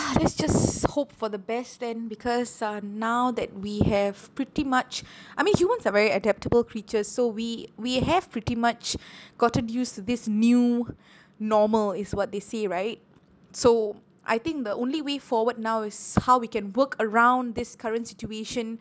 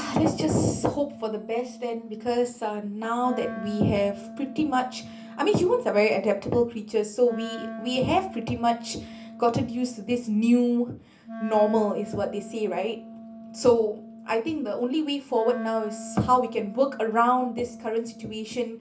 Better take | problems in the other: first | background sound (Wind instrument, woodwind instrument); 14 dB below the speech // room echo; dies away in 0.3 s

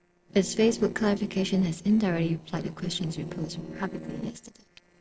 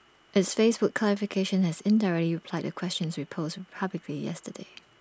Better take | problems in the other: second | noise reduction (neural separator model SepFormer DNS4)

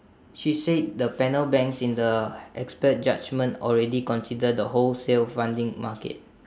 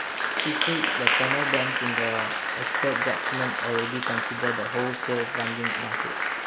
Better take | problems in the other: first | background sound (Applause); 4 dB above the speech

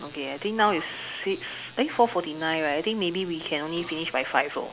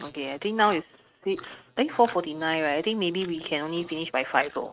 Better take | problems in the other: first | noise reduction (neural mask model RNNoise)

